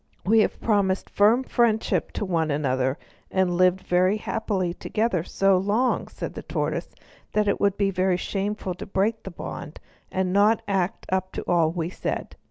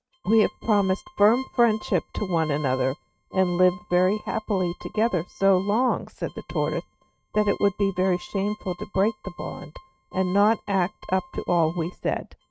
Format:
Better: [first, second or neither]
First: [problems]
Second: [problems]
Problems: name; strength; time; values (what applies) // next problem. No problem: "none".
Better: first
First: none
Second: noise reduction (neural mask model RNNoise)